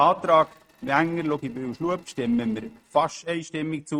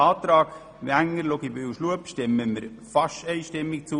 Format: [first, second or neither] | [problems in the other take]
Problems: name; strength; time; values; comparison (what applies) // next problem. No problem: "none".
second | noise reduction (neural mask model RNNoise)